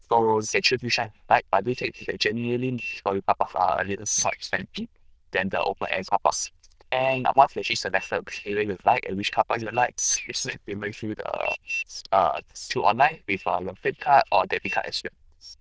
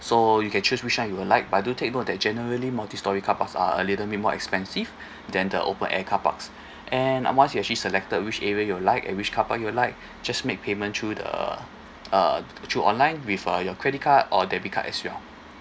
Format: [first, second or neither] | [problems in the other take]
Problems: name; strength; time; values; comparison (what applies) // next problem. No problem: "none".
second | noise reduction (neural diffusion model UNIVERSE++)